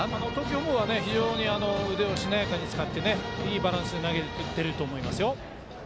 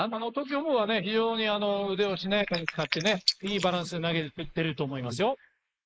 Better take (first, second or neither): first